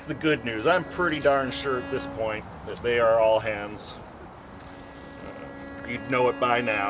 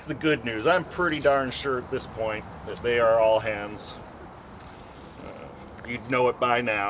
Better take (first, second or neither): second